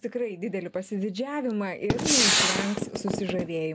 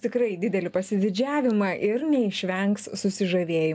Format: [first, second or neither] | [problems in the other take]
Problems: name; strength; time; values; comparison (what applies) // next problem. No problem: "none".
second | background sound (Gunshot, gunfire); 5 dB above the speech